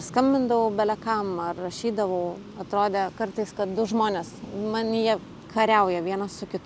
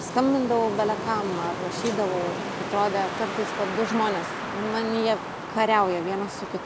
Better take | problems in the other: first | background sound (Wind); 6 dB below the speech

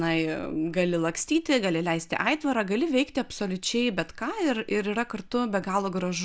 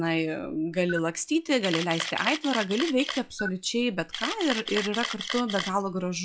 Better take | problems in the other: first | noise reduction (classical method log-MMSE)

